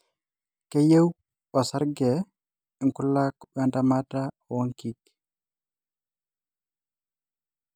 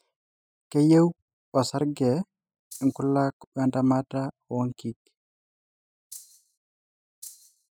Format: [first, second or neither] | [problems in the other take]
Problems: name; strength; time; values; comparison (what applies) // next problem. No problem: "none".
first | noise reduction (classical method spectral subtraction)